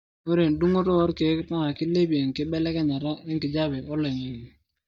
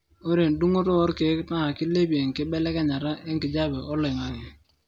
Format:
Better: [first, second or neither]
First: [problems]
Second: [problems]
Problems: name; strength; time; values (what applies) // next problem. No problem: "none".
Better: second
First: noise reduction (neural mask model DeepFilterNet 3)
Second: none